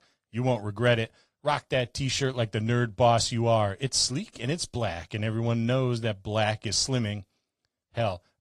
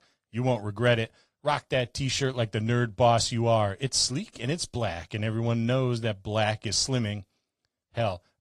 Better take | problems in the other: neither | garbled, watery; slightly; nothing above 14.5 kHz; the same in both

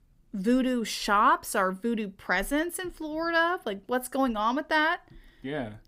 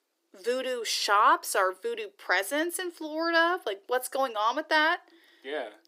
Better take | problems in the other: first | thin; very; fading below 300 Hz

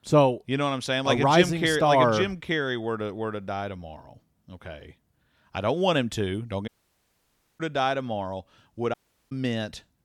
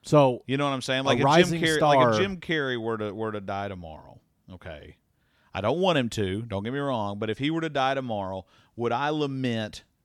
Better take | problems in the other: second | audio cutting out; at 6.5 s for 1 s and at 9 s

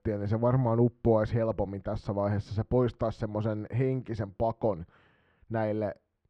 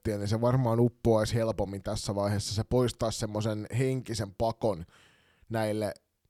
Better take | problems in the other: second | muffled; very; fading above 2 kHz

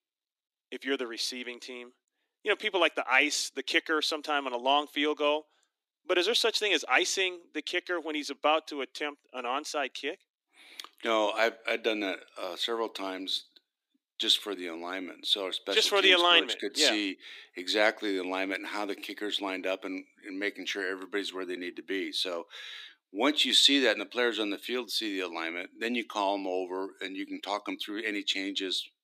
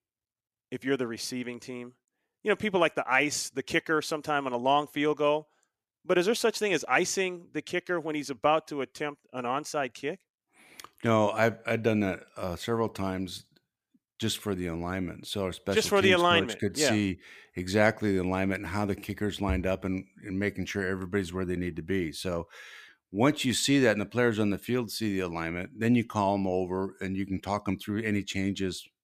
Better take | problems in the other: second | thin; very slightly; fading below 300 Hz

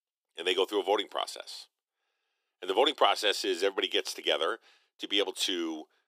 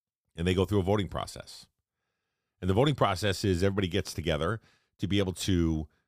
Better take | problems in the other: second | thin; very; fading below 350 Hz

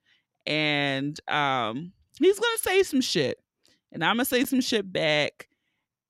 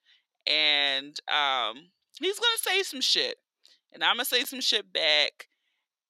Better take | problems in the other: first | thin; somewhat; fading below 600 Hz

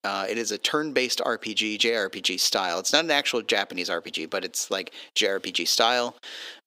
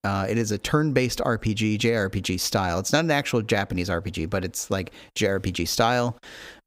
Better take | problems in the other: second | thin; somewhat; fading below 300 Hz

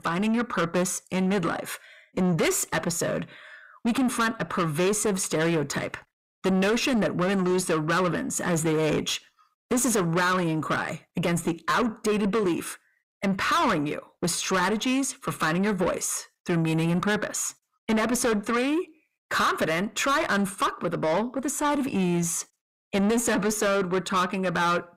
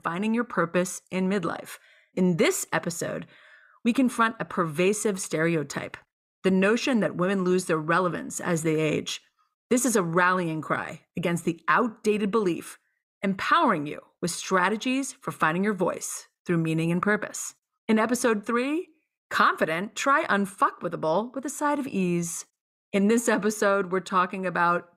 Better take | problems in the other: second | distortion; heavy; 8 dB below the speech

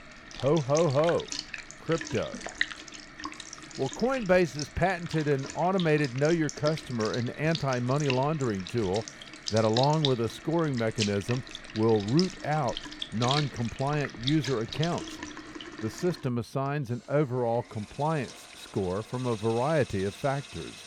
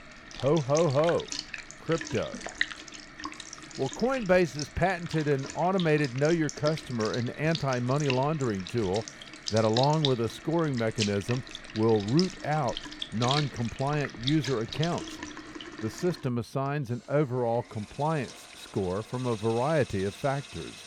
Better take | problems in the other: neither | household noises; loud; throughout; 9 dB below the speech; the same in both

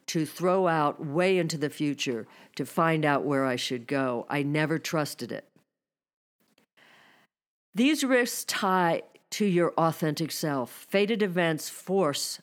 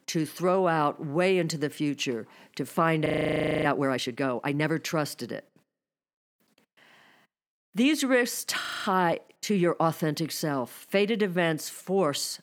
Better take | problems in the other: first | audio freezing; at 3 s for 0.5 s and at 8.5 s

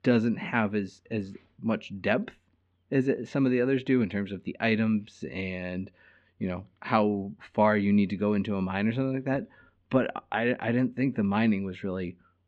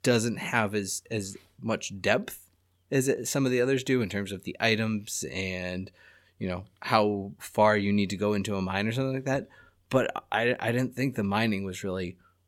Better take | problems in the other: second | muffled; slightly; fading above 3 kHz

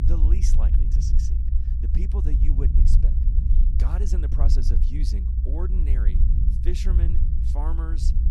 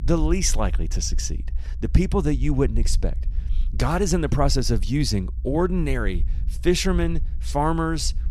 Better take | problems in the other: second | low rumble; loud; throughout; 1 dB below the speech; faint in the second

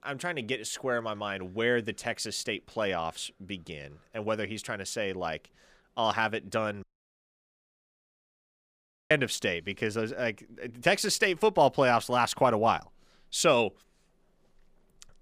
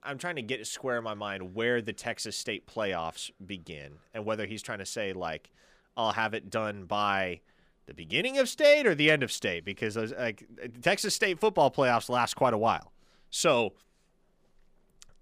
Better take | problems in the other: second | audio cutting out; at 7 s for 2.5 s

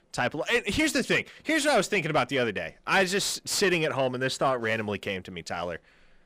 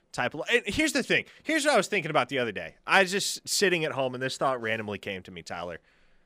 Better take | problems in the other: second | distortion; slight; 10 dB below the speech

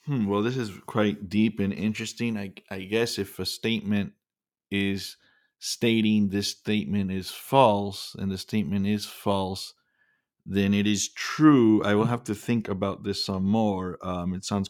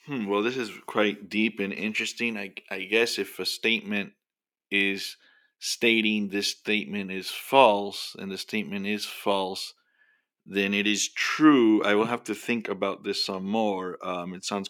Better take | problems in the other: first | thin; very slightly; fading below 300 Hz

